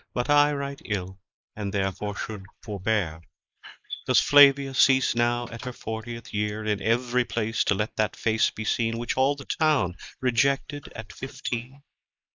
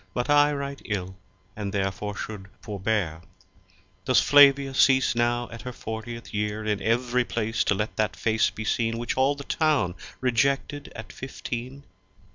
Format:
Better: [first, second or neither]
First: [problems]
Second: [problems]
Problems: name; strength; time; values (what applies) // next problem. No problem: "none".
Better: second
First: noise reduction (neural mask model Resemble Enhance denoiser)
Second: none